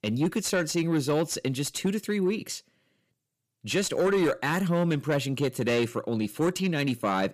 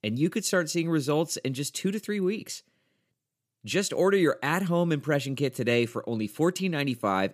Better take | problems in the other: second | distortion; slight; 10 dB below the speech

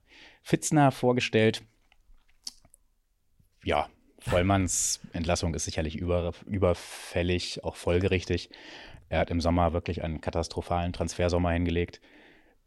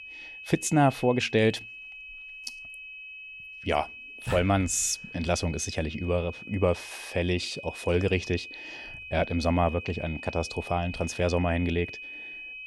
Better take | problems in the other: first | high-pitched whine; noticeable; throughout; 2.5 kHz, 10 dB below the speech

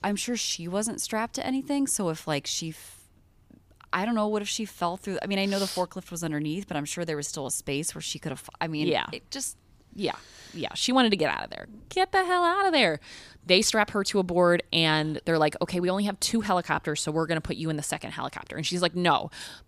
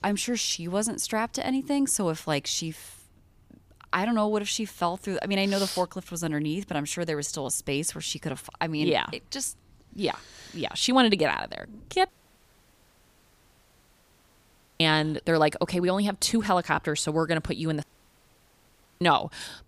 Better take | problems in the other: first | audio cutting out; at 12 s for 2.5 s and at 18 s for 1 s

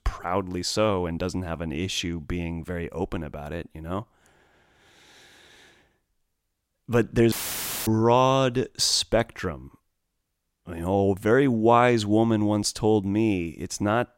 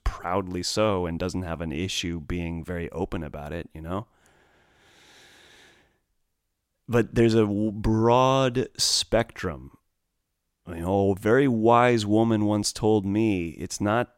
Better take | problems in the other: second | audio cutting out; filled with static; at 7.5 s for 0.5 s

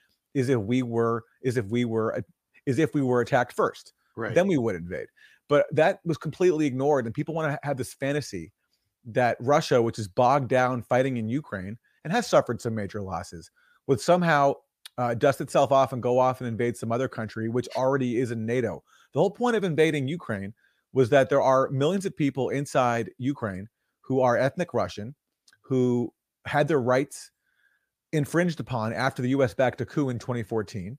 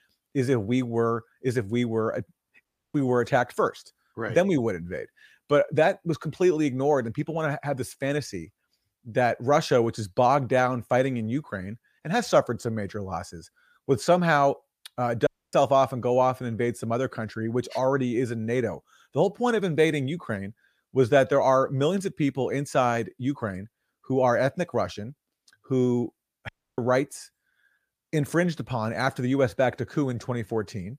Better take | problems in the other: first | audio cutting out; at 2.5 s, at 15 s and at 26 s

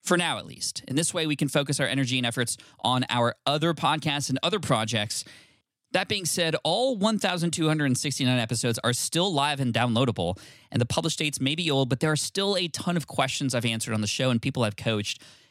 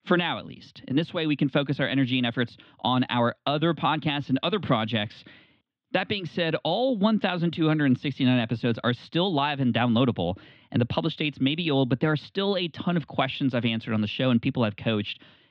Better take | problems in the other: first | muffled; very; fading above 3.5 kHz

